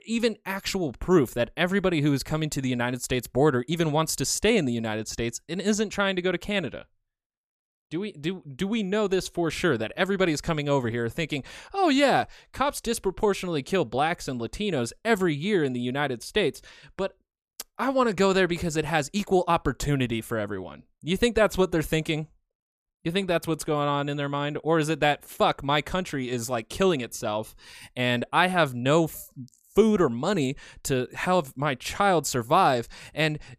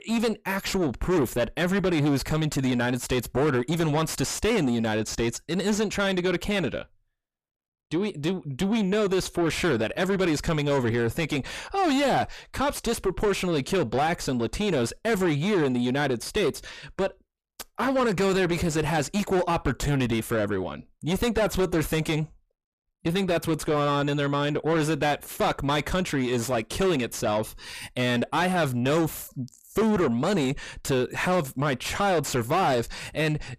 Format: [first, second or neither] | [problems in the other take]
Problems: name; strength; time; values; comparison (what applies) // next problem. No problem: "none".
first | distortion; heavy; 6 dB below the speech